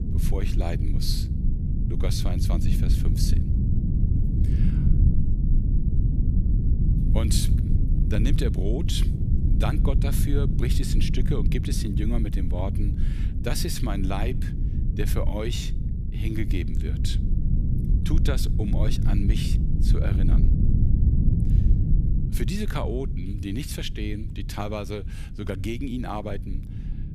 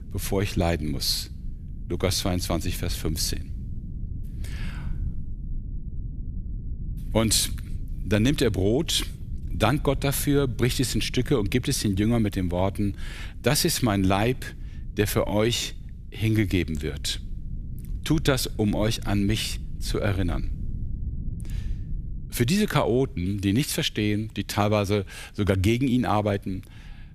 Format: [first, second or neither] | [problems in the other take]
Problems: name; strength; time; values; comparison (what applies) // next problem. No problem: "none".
second | low rumble; loud; throughout; 4 dB below the speech; faint in the second